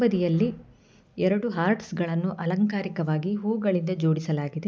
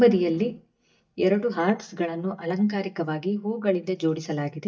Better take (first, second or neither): first